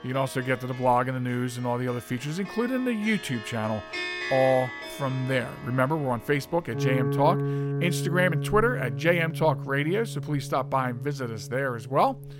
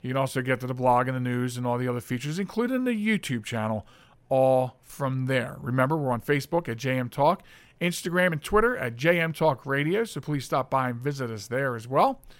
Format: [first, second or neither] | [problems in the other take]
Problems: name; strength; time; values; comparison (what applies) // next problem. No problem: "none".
second | background music; loud; throughout; 6 dB below the speech